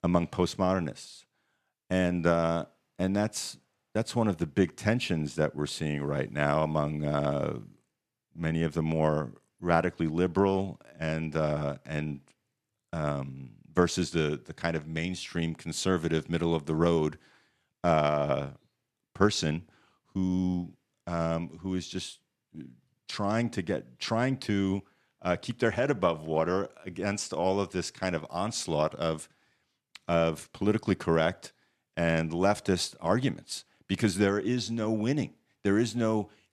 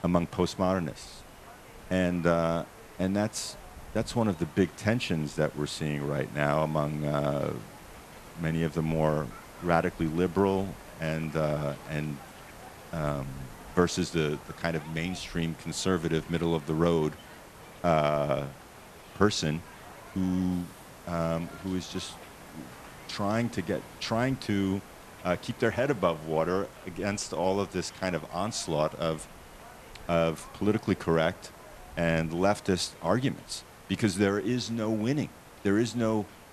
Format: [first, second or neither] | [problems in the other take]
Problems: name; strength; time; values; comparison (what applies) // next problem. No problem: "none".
first | hiss; noticeable; throughout; 20 dB below the speech